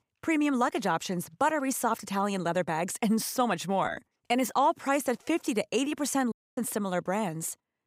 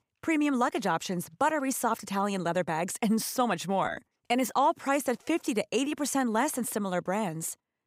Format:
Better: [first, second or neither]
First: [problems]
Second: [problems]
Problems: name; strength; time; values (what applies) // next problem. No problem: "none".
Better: second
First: audio cutting out; at 6.5 s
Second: none